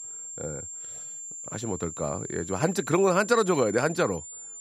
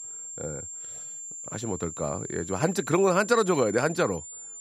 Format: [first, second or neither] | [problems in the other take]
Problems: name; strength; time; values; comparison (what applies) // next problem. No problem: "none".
neither | high-pitched whine; noticeable; throughout; 7.5 kHz, 10 dB below the speech; the same in both